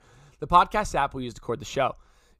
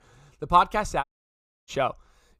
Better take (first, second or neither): first